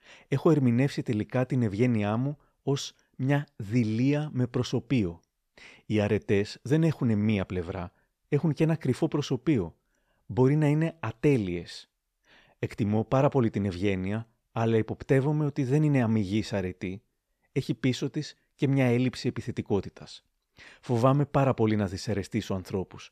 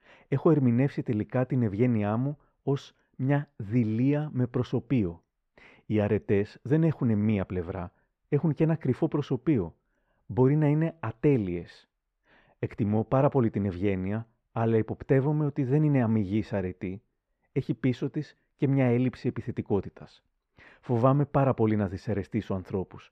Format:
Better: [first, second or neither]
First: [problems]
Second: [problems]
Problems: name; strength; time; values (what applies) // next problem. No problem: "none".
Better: first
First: none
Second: muffled; slightly; fading above 3 kHz